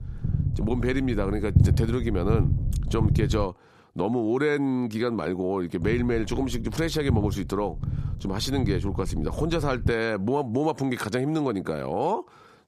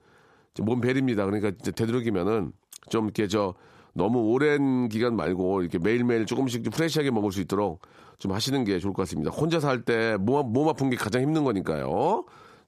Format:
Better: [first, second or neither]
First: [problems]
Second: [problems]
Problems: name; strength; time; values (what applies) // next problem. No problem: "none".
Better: second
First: low rumble; noticeable; until 3.5 s and from 6 to 10 s; 10 dB below the speech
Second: none